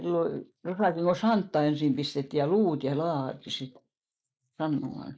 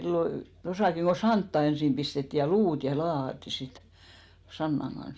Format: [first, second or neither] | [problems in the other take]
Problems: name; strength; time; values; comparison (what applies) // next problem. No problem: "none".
second | noise reduction (neural mask model Resemble Enhance denoiser)